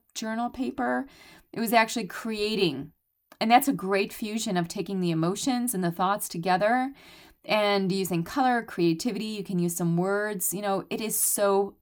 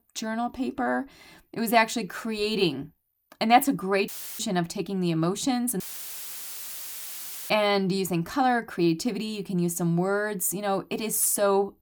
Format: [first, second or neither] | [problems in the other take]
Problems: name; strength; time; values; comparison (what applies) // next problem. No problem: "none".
first | audio cutting out; filled with static; at 4 s and at 6 s for 1.5 s